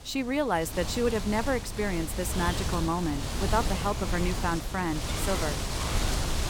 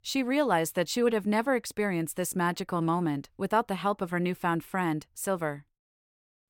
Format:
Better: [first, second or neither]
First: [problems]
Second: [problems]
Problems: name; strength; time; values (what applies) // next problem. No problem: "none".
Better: second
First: wind noise on the microphone; heavy; 4 dB below the speech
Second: none